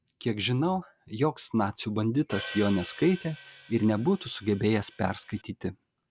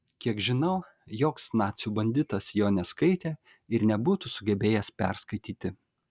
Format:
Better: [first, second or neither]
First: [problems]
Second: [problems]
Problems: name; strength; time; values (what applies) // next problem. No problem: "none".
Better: second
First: background sound (Hi-hat); 16 dB below the speech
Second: none